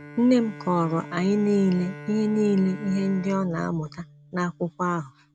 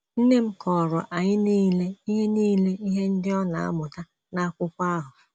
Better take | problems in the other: second | background sound (Bowed string instrument); 16 dB below the speech

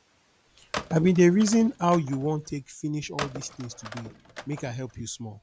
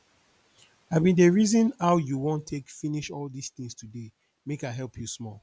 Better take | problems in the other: second | background sound (Telephone); 14 dB below the speech

